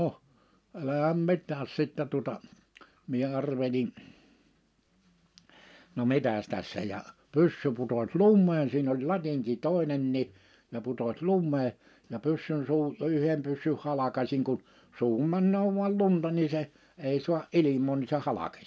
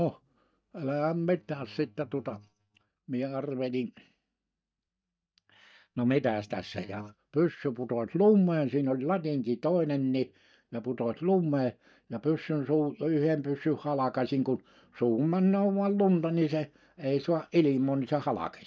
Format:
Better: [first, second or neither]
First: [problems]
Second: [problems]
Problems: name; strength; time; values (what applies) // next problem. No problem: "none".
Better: first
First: none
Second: noise reduction (neural mask model DeepFilterNet 3)